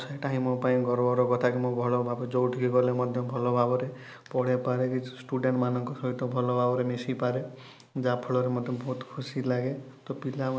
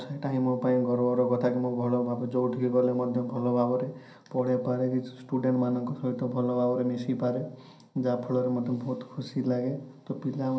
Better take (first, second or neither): first